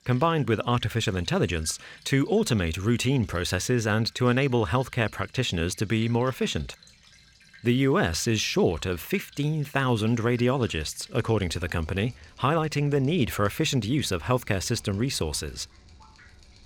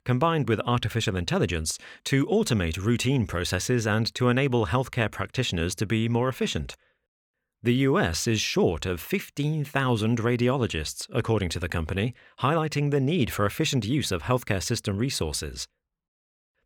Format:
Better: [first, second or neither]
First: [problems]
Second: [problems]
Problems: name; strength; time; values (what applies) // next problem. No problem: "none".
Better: second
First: rain or running water; faint; throughout; 25 dB below the speech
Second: none